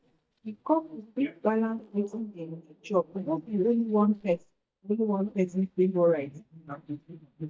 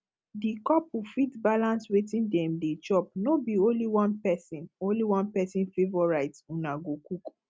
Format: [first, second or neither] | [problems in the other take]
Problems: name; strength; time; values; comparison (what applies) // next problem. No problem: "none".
second | noise reduction (neural mask model DeepFilterNet 3)